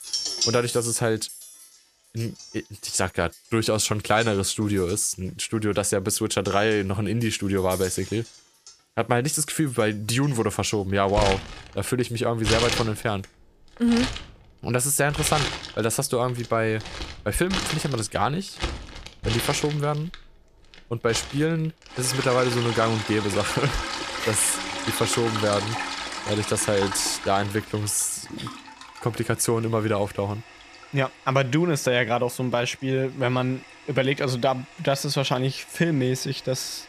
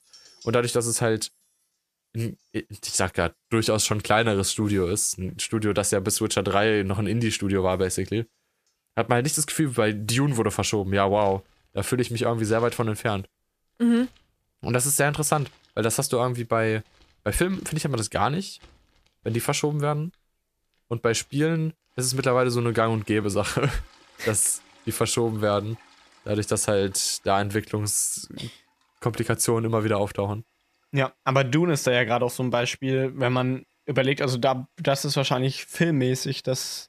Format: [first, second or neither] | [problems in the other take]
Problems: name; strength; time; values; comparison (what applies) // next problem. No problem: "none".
second | household noises; loud; throughout; 6 dB below the speech; faint in the second